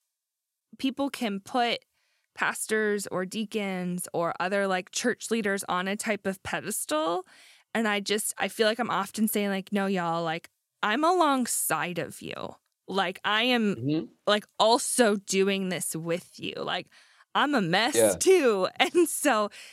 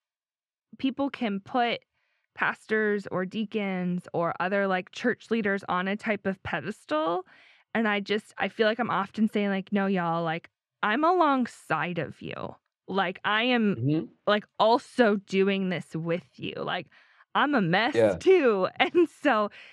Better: first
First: none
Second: muffled; slightly; fading above 2.5 kHz

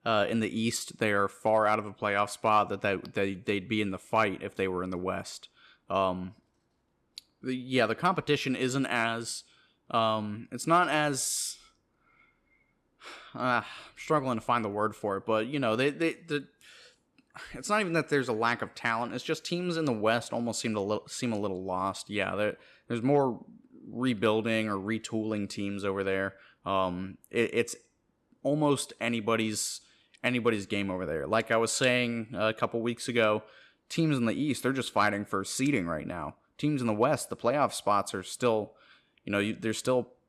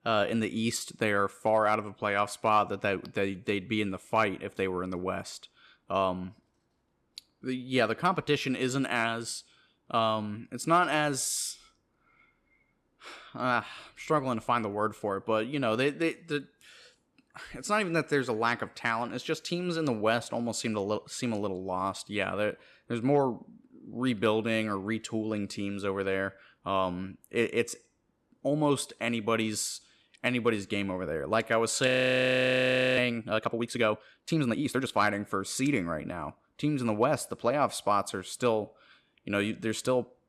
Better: first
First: none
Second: audio freezing; at 32 s for 1 s

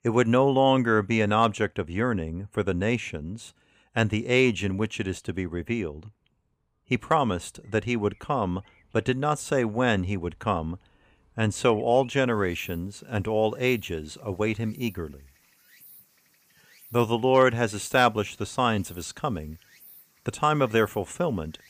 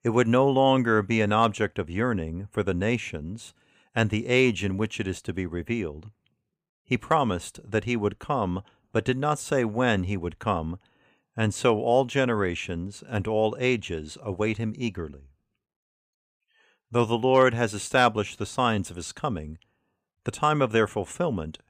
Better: second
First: animal sounds; faint; throughout; 25 dB below the speech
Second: none

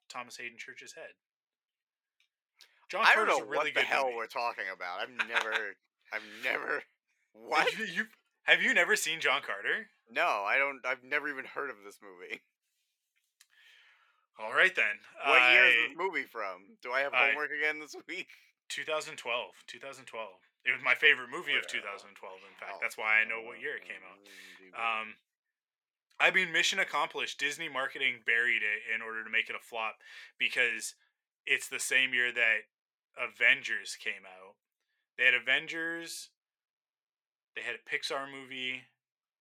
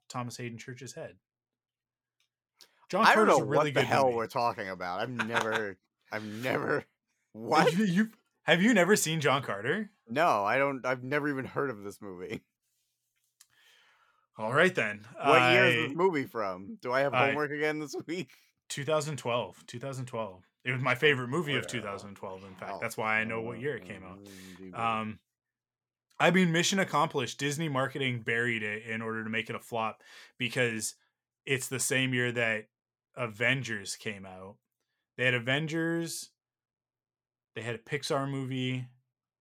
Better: second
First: thin; very; fading below 450 Hz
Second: none

